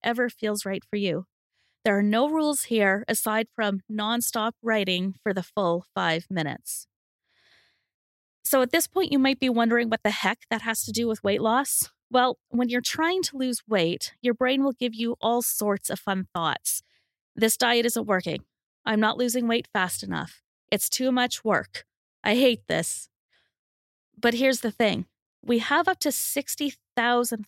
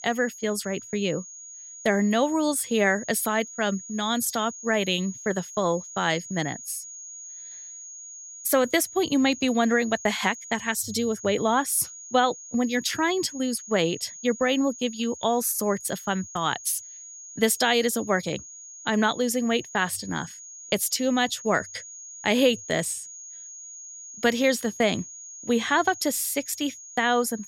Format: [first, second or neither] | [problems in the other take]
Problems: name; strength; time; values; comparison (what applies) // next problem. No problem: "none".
first | high-pitched whine; noticeable; throughout; 6.5 kHz, 15 dB below the speech